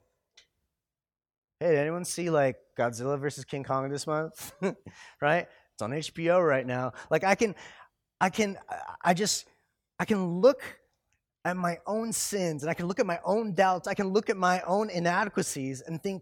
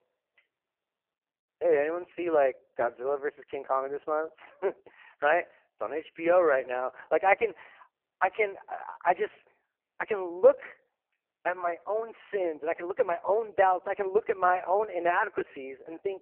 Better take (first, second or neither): first